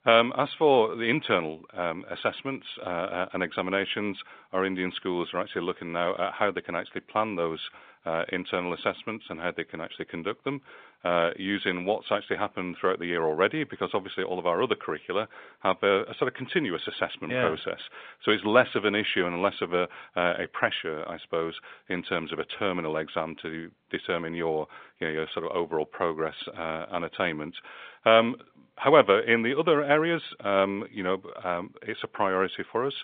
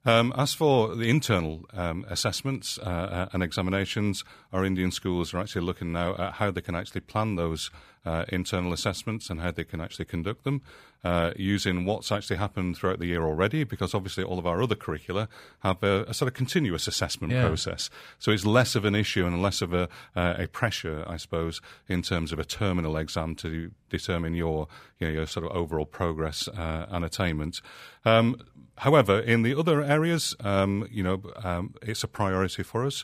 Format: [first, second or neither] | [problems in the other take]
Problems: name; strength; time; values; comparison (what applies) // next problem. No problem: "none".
second | phone-call audio